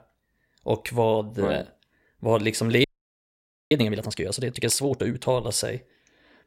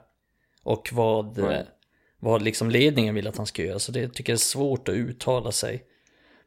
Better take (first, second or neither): second